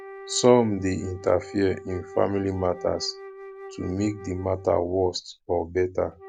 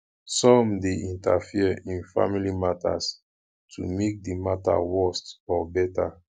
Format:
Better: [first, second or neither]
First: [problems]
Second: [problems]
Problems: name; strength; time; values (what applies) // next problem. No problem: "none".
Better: second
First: background sound (Wind instrument, woodwind instrument); 17 dB below the speech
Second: none